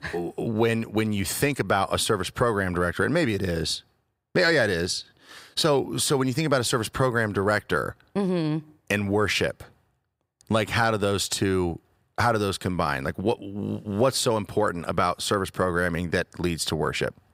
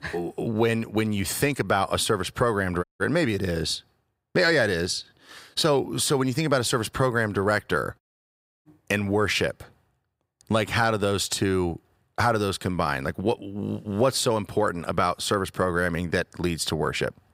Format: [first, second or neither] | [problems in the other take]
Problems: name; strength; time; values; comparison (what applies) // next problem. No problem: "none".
first | audio cutting out; at 3 s and at 8 s for 0.5 s